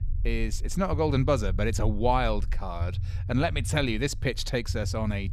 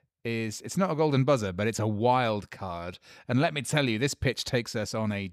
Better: second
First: low rumble; faint; throughout; 20 dB below the speech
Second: none

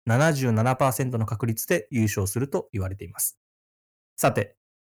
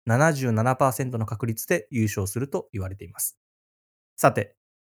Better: second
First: distortion; slight; 10 dB below the speech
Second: none

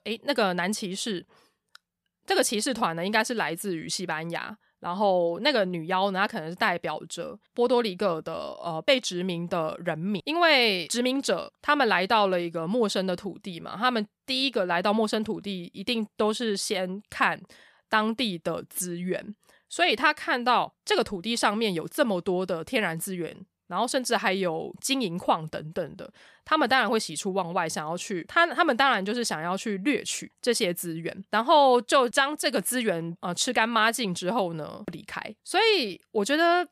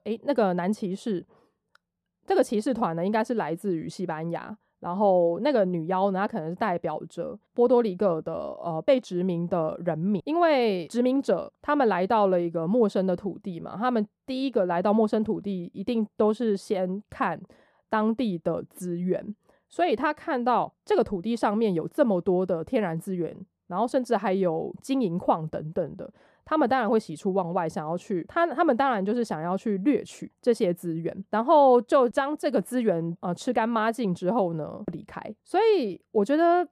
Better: first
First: none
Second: muffled; slightly; fading above 1.5 kHz

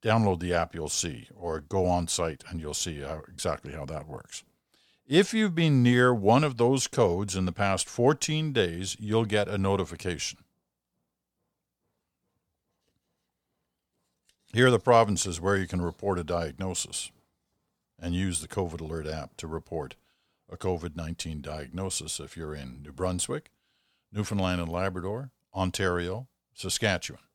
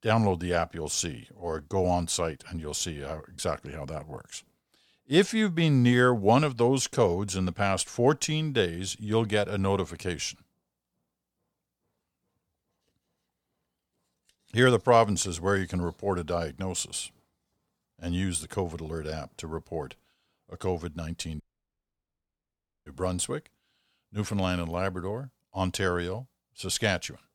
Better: first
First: none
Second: audio cutting out; at 21 s for 1.5 s

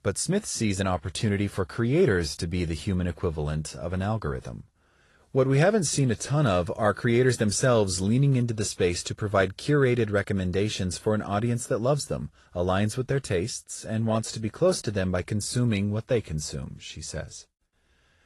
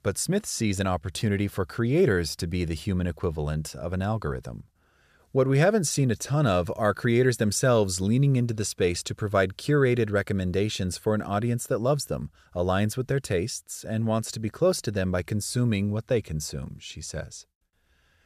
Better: second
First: garbled, watery; slightly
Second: none

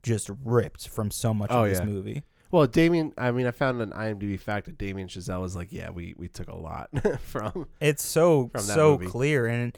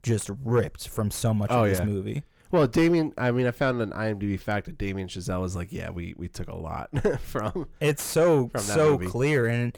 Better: first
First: none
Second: distortion; slight; 10 dB below the speech

